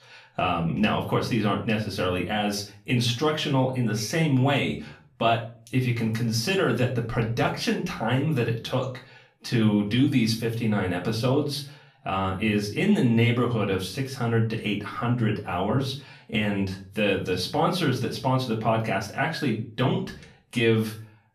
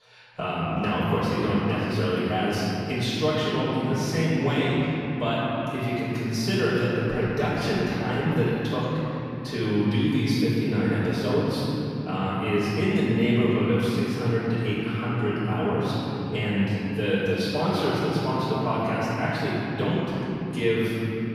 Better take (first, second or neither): first